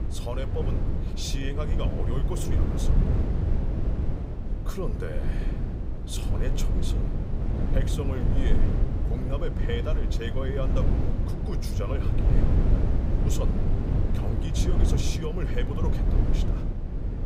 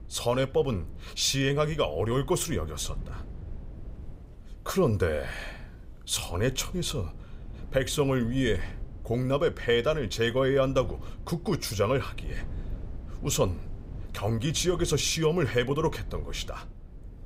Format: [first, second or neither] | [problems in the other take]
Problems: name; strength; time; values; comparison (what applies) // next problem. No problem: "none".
second | low rumble; loud; throughout; 1 dB below the speech; faint in the second